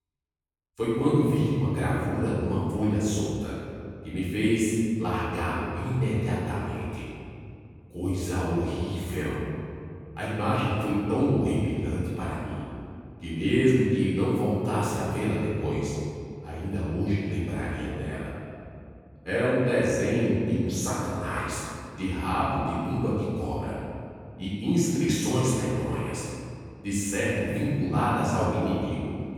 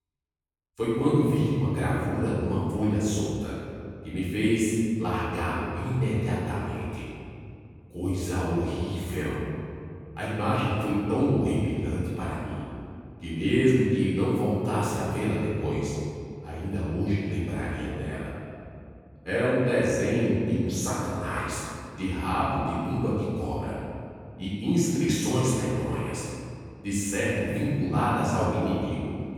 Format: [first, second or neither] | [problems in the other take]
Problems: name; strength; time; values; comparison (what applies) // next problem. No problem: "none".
neither | off-mic speech; far; the same in both // room echo; strong; dies away in 2.2 s; the same in both